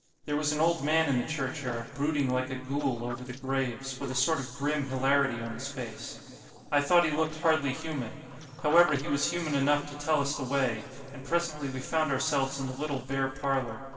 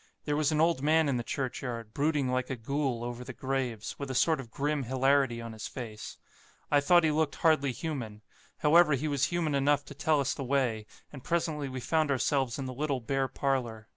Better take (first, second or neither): second